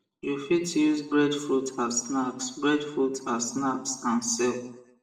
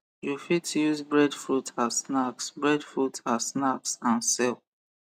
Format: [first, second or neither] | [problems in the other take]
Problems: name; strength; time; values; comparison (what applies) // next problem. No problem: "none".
second | room echo; dies away in 0.7 s